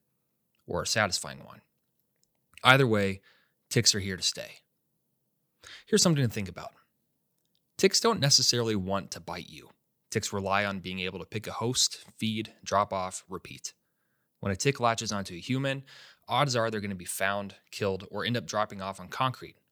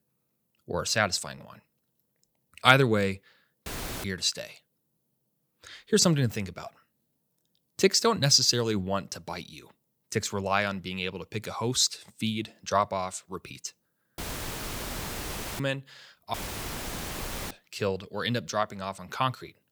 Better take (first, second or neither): first